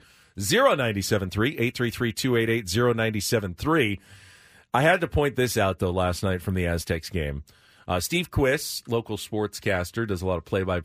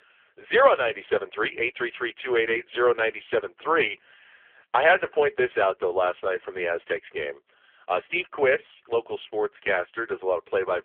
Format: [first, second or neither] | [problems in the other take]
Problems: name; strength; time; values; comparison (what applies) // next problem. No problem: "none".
first | phone-call audio; poor line; nothing above 3.5 kHz